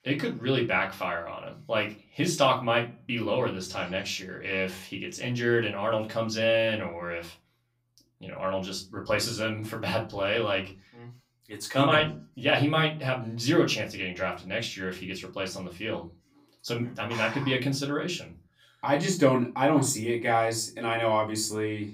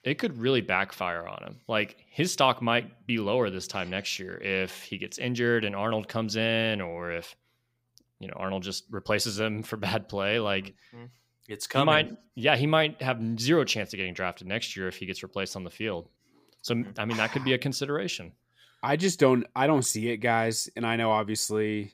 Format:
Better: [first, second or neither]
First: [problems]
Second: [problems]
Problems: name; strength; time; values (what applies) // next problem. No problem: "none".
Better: second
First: off-mic speech; far // room echo; very slight; dies away in 0.2 s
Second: none